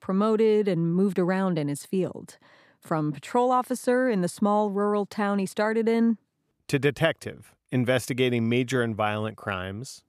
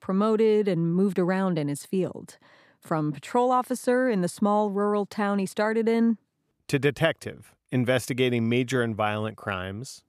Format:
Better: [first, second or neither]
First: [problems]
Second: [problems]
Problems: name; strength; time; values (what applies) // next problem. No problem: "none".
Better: neither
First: none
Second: none